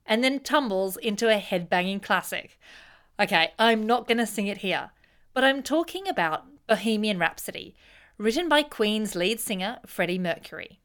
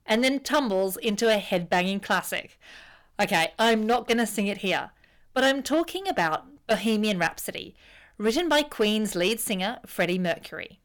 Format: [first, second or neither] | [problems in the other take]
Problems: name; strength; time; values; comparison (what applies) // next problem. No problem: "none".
first | distortion; slight; 4% of the sound clipped